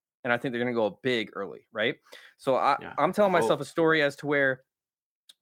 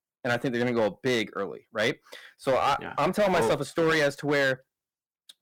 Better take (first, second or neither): first